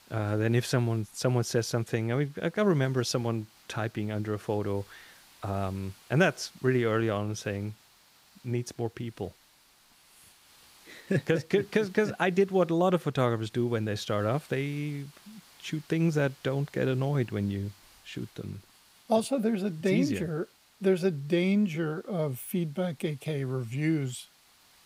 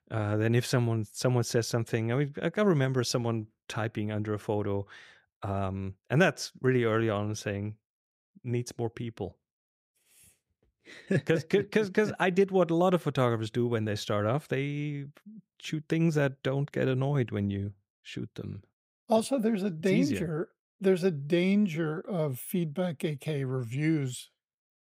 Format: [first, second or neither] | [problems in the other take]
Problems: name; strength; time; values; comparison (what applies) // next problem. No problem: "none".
second | hiss; faint; throughout; 25 dB below the speech